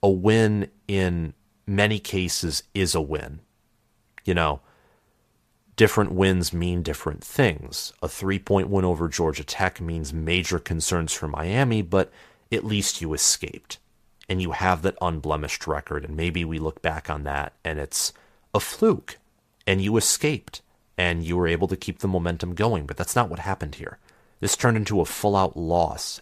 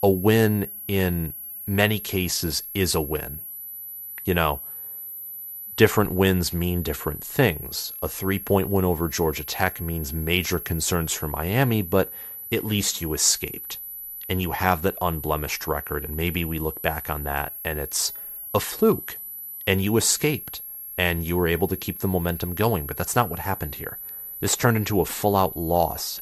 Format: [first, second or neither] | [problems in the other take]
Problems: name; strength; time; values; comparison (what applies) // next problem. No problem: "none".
first | high-pitched whine; loud; throughout; 11.5 kHz, 9 dB below the speech